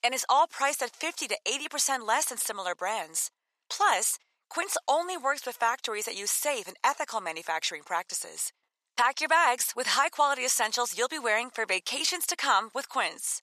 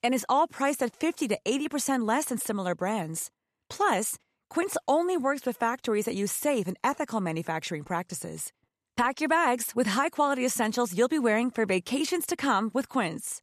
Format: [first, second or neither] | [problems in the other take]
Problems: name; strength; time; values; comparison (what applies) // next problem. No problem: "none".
second | thin; very; fading below 800 Hz